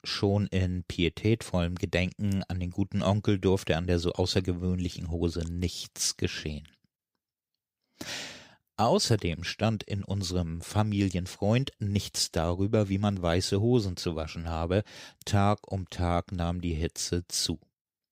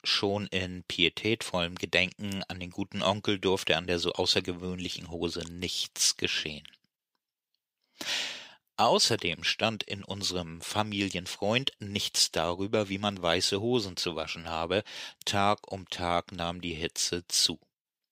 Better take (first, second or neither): first